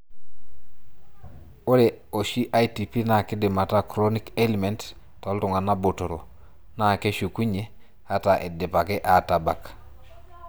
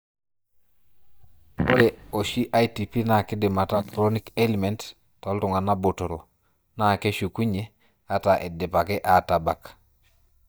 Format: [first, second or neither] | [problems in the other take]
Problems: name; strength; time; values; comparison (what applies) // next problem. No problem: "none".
first | noise reduction (neural mask model DeepFilterNet 3)